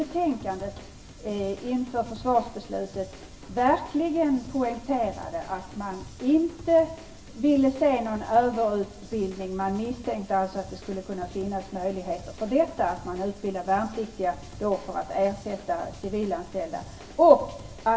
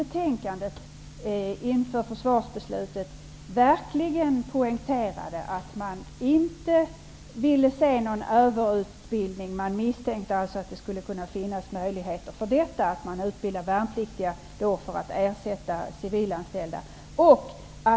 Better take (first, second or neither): second